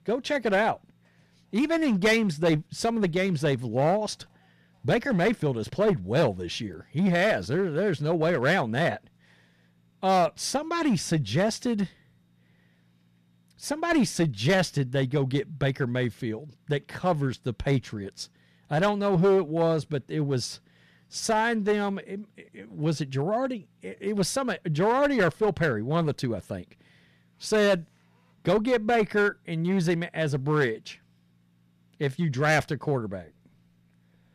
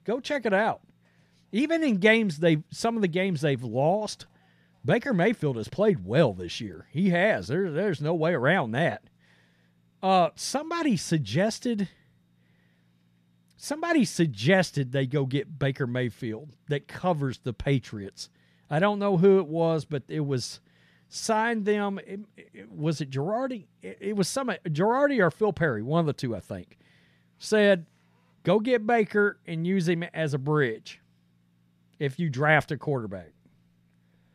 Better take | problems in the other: second | distortion; slight; 5% of the sound clipped

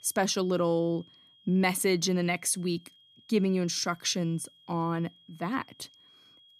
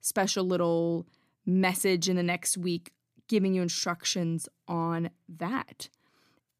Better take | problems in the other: second | high-pitched whine; faint; throughout; 3.5 kHz, 30 dB below the speech

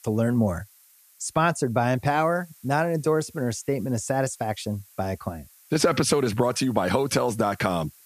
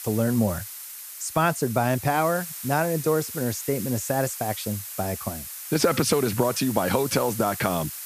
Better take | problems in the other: first | hiss; loud; throughout; 9 dB below the speech; faint in the first

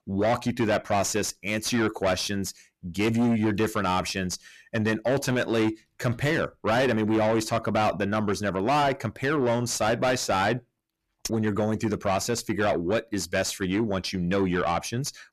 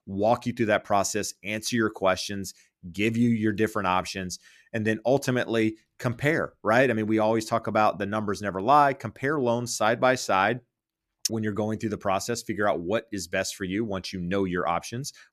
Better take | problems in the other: second | distortion; heavy; 7 dB below the speech

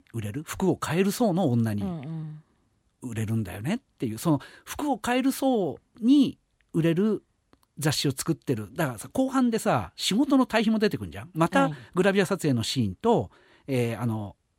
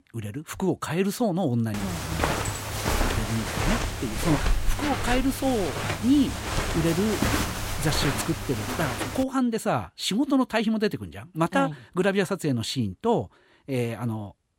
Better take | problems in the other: first | footsteps; loud; from 1.5 to 9 s; peak 2 dB above the speech

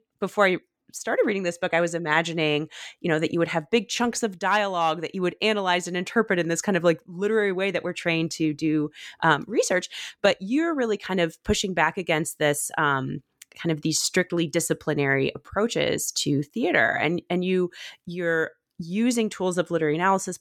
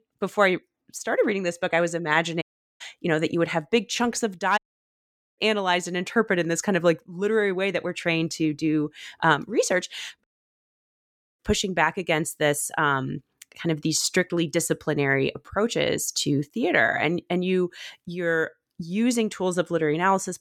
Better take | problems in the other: first | audio cutting out; at 2.5 s, at 4.5 s for 1 s and at 10 s for 1 s

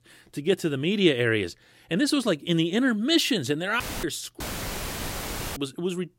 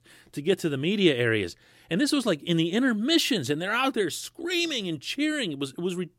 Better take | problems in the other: second | audio cutting out; filled with static; at 4 s and at 4.5 s for 1 s

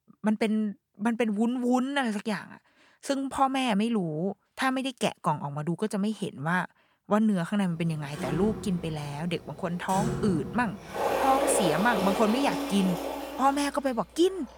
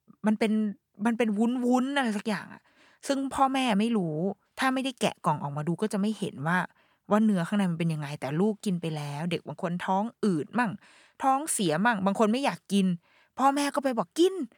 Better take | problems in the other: second | household noises; loud; from 7.5 s on; 3 dB below the speech

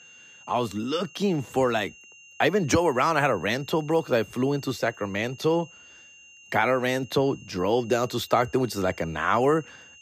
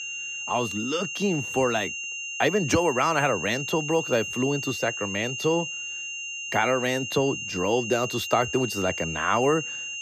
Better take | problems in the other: first | high-pitched whine; loud; throughout; 3 kHz, 5 dB below the speech; faint in the first

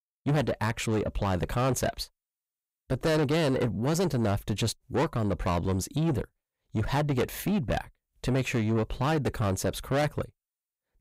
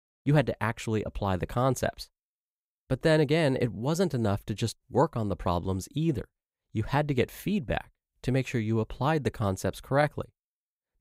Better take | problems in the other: second | distortion; heavy; 7 dB below the speech

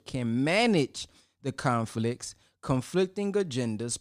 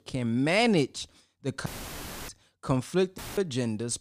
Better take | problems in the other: first | audio cutting out; filled with static; at 1.5 s for 0.5 s and at 3 s

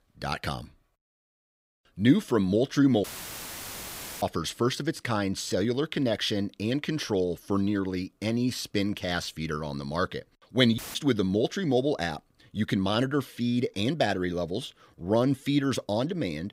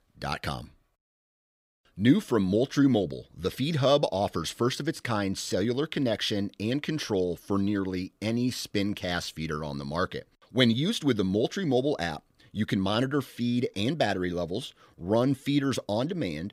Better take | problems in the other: second | audio cutting out; filled with static; at 3 s for 1 s and at 11 s

